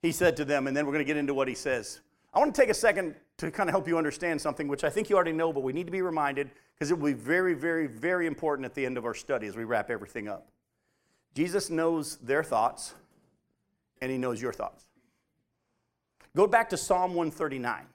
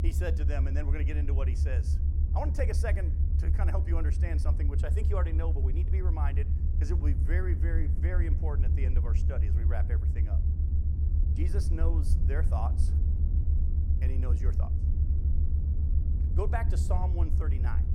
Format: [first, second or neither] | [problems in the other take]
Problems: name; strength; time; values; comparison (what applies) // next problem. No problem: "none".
first | low rumble; loud; throughout; 5 dB below the speech